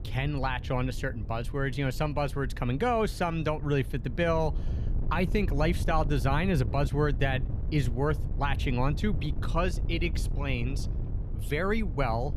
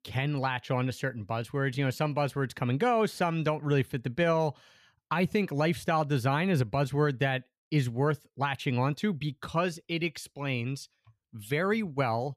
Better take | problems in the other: second | wind noise on the microphone; occasional gusts; 15 dB below the speech

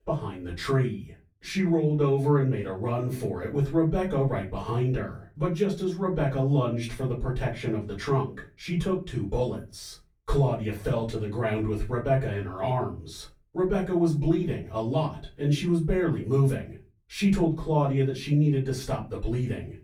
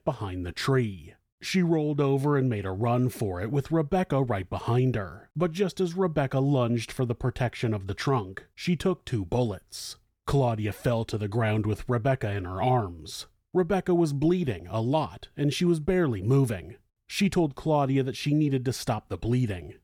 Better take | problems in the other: second | off-mic speech; far // room echo; very slight; dies away in 0.2 s

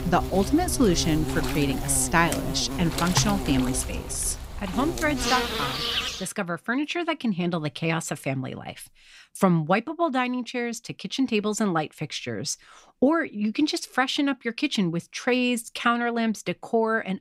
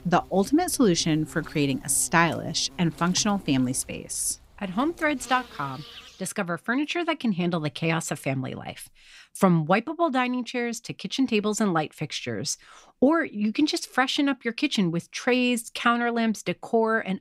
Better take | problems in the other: second | animal sounds; loud; until 6 s; 4 dB below the speech; faint in the second

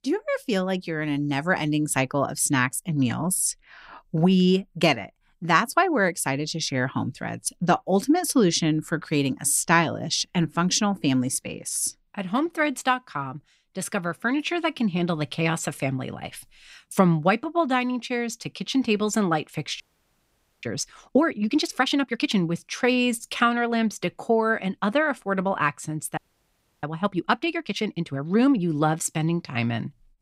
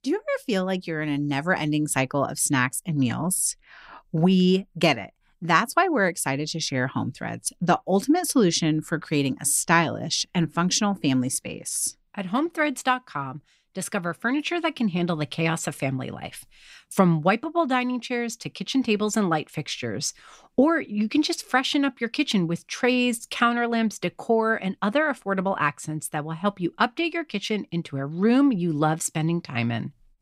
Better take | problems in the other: second | audio freezing; at 20 s for 1 s and at 26 s for 0.5 s

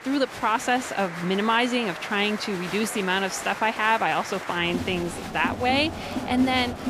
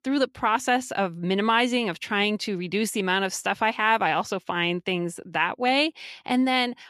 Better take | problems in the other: second | crowd noise; loud; throughout; 9 dB below the speech

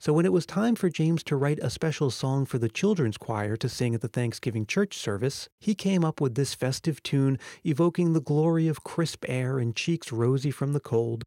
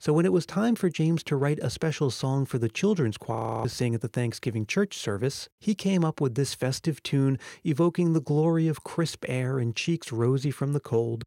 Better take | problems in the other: first | audio freezing; at 3.5 s

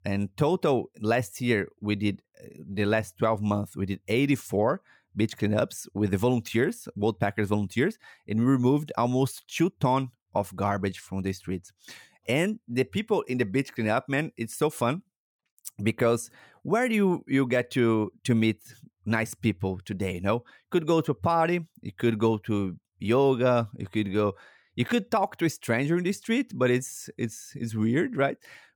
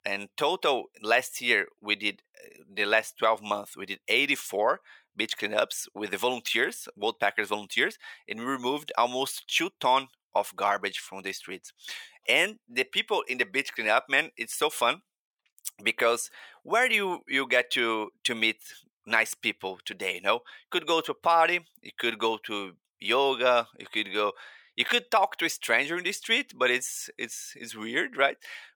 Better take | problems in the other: first | thin; very; fading below 650 Hz

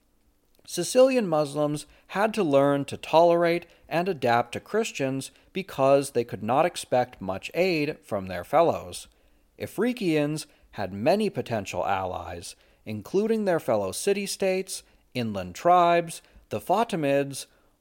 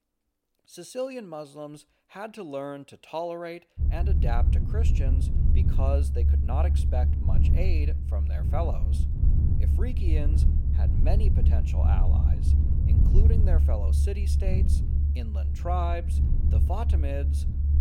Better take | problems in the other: first | low rumble; loud; from 4 s on; 4 dB below the speech

